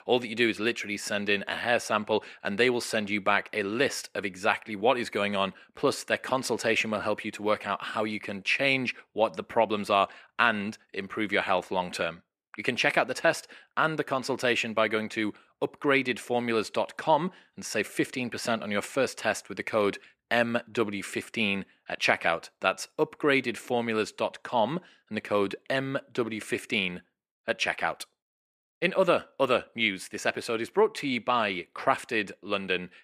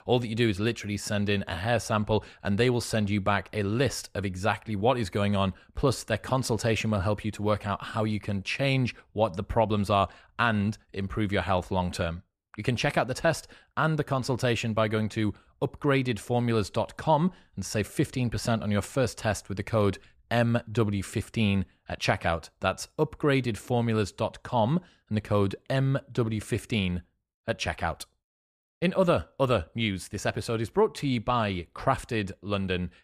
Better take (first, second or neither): second